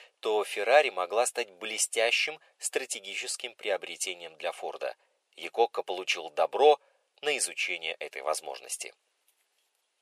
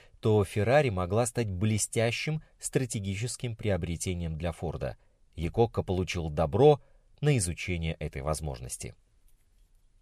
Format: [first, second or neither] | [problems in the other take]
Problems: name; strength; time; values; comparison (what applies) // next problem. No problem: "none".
second | thin; very; fading below 450 Hz